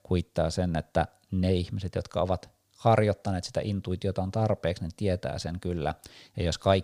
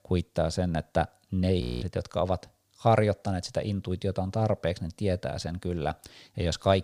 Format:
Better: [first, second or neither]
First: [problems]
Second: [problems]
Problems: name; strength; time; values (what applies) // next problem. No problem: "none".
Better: first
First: none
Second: audio freezing; at 1.5 s